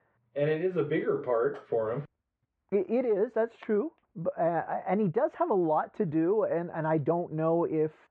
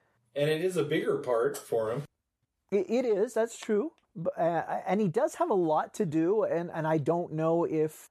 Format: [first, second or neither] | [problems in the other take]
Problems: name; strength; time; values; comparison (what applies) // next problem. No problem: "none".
second | muffled; very; fading above 2 kHz